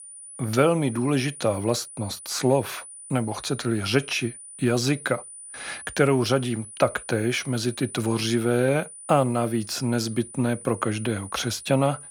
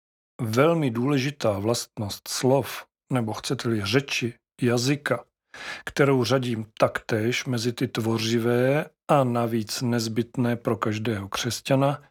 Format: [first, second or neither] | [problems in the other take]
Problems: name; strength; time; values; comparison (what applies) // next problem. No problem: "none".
second | high-pitched whine; noticeable; throughout; 9.5 kHz, 15 dB below the speech